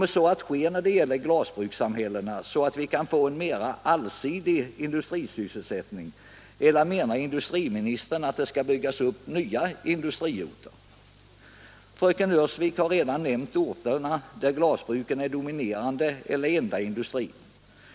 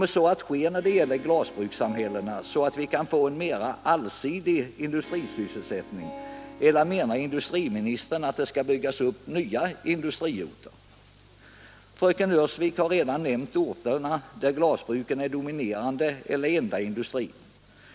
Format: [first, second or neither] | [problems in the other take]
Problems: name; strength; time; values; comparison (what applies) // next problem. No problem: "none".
first | background sound (Harp); 18 dB below the speech